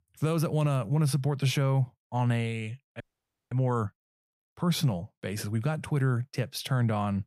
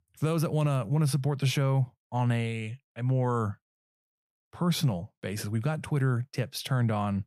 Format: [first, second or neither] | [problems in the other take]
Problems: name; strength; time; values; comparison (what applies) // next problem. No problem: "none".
second | audio freezing; at 3 s for 0.5 s